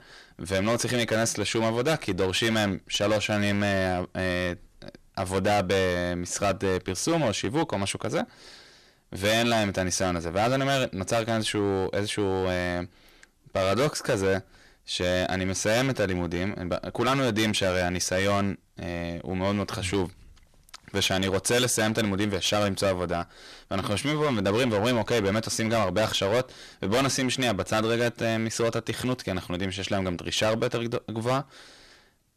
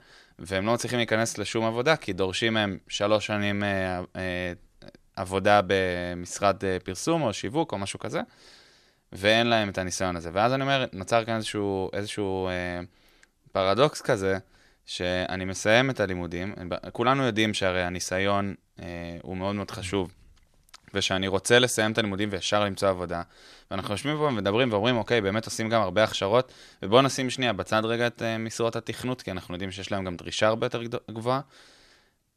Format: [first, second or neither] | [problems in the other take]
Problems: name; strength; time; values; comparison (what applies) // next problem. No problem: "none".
second | distortion; heavy; 12% of the sound clipped